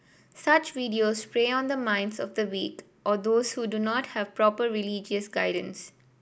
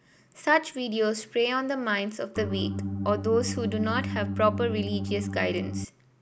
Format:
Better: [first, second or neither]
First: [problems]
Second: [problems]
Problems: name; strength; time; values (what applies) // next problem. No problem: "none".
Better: first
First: none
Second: background sound (Organ); 3 dB below the speech